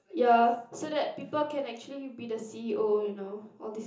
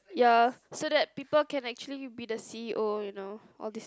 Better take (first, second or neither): second